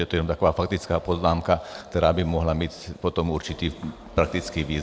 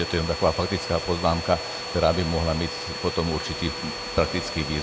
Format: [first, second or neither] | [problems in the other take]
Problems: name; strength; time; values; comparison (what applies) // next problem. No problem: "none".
first | background sound (Domestic sounds, home sounds); 7 dB below the speech